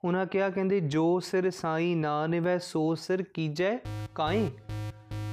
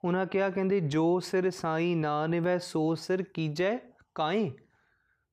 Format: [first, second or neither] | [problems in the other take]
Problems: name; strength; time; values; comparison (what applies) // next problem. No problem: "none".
second | alarm; noticeable; from 4 s on; peak 9 dB below the speech